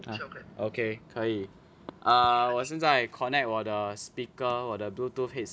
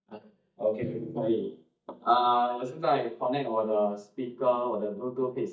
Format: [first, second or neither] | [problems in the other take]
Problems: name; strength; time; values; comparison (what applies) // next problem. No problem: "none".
first | noise reduction (neural mask model DeepFilterNet 3)